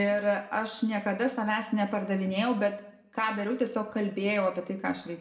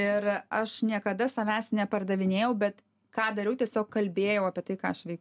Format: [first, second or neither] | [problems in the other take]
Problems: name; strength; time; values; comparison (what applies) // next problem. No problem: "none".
second | room echo; dies away in 0.6 s